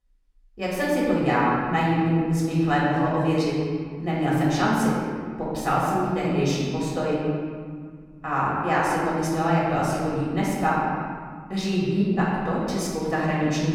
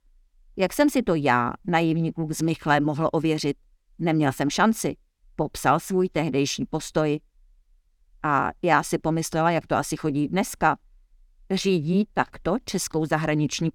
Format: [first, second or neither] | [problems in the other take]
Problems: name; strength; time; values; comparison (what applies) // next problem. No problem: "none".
second | room echo; strong; dies away in 2 s // off-mic speech; far